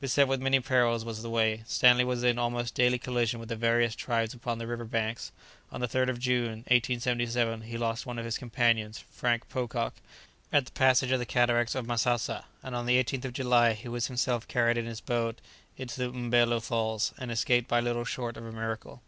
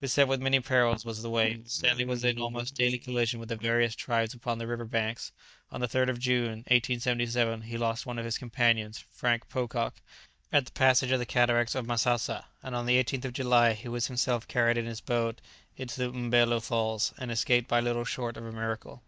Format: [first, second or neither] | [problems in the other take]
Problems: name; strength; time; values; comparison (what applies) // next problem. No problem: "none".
first | noise reduction (neural mask model DeepFilterNet 3)